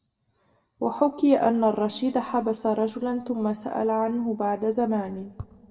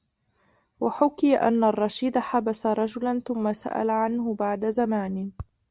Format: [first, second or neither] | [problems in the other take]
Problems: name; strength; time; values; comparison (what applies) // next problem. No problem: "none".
second | room echo; dies away in 1.6 s